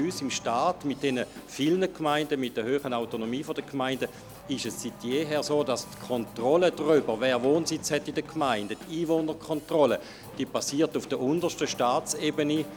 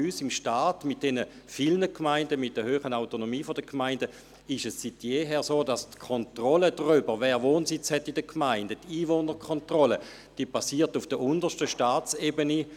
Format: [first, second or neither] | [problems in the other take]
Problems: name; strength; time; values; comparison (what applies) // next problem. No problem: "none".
second | background sound (Race car, auto racing / Accelerating, revving, vroom + Drum / Drum kit); 18 dB below the speech